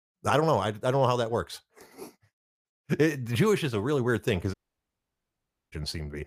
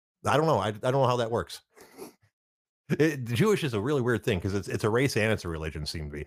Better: second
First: audio cutting out; at 4.5 s for 1 s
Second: none

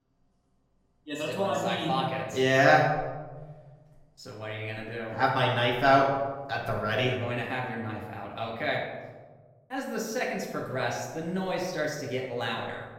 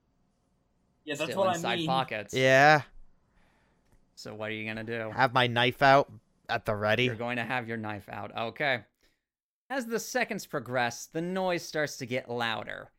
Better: second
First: off-mic speech; far // room echo; noticeable; dies away in 1.1 s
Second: none

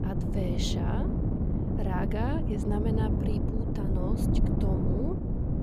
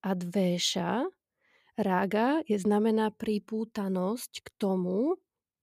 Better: second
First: wind noise on the microphone; heavy; as loud as the speech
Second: none

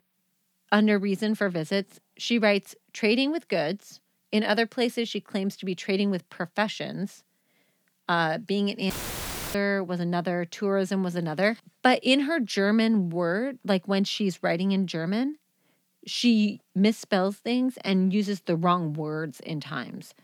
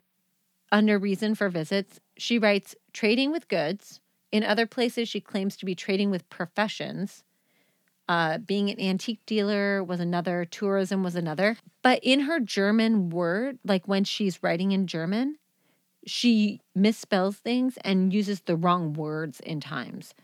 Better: second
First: audio cutting out; filled with static; at 9 s for 0.5 s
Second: none

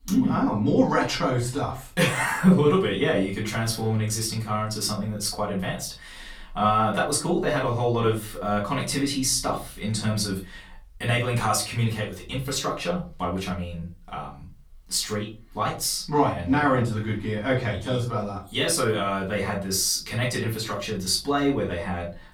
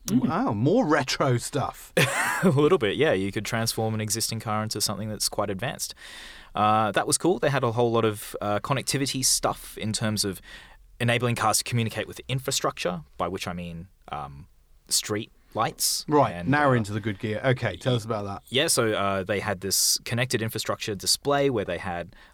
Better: second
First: off-mic speech; far // room echo; slight; dies away in 0.3 s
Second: none

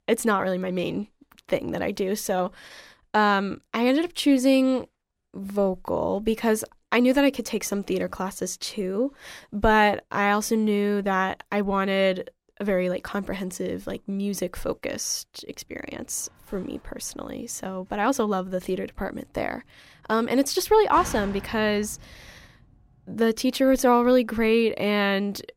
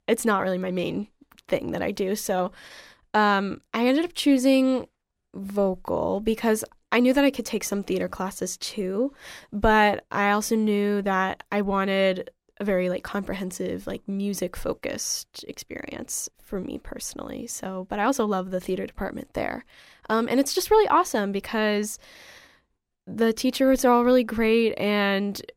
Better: second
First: door banging; faint; from 16 to 23 s; peak 10 dB below the speech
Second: none

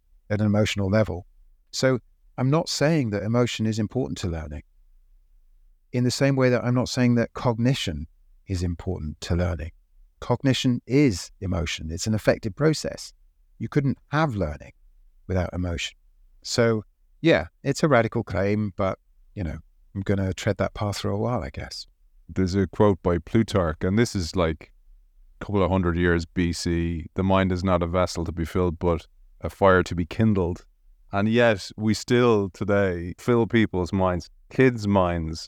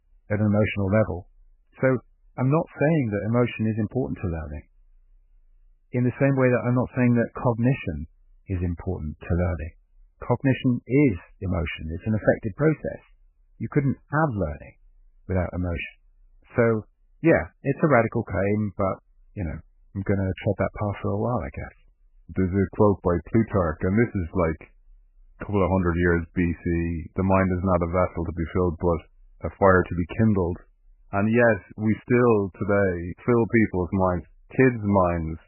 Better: first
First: none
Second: garbled, watery; badly; nothing above 3 kHz

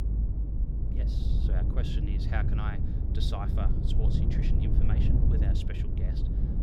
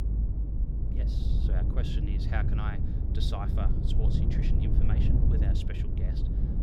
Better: neither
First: low rumble; loud; throughout; as loud as the speech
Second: low rumble; loud; throughout; as loud as the speech

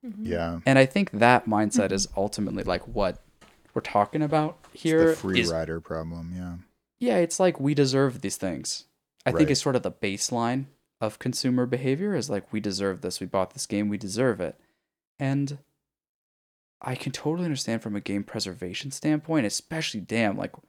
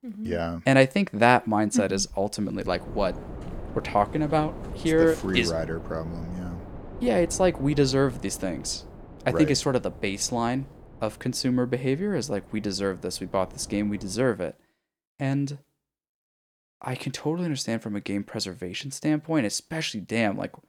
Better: first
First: none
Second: wind noise on the microphone; occasional gusts; from 3 to 14 s; 20 dB below the speech

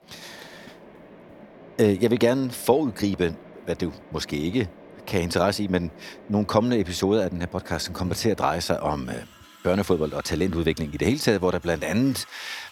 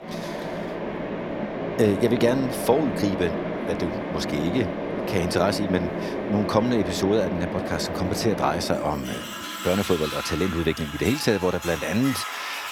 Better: first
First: machinery noise; faint; throughout; 20 dB below the speech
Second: machinery noise; loud; throughout; 5 dB below the speech

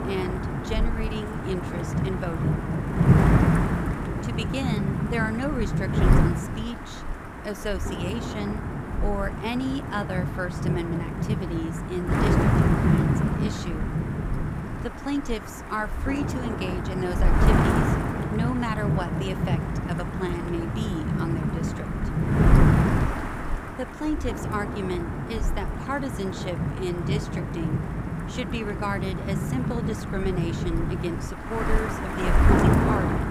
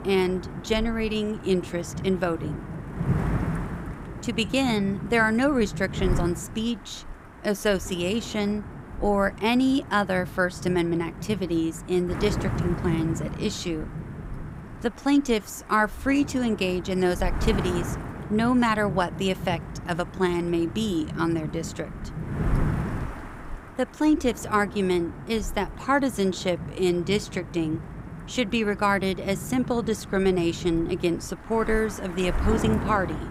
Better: second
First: wind noise on the microphone; heavy; 2 dB above the speech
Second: wind noise on the microphone; occasional gusts; 10 dB below the speech

